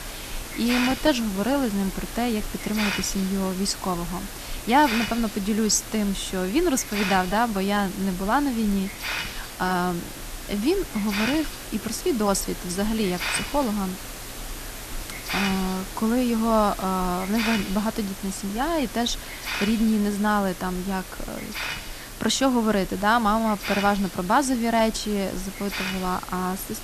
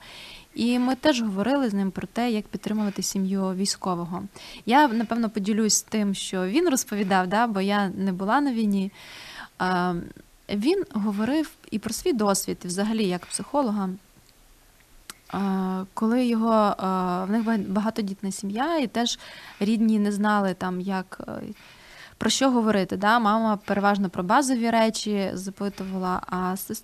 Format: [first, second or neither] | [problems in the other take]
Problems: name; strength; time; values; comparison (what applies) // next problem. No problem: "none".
second | hiss; loud; throughout; 8 dB below the speech; faint in the second